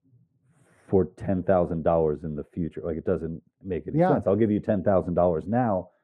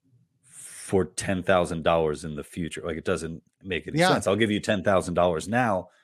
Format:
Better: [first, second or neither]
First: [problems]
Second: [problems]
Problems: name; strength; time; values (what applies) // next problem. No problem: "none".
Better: second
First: muffled; very; fading above 2 kHz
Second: none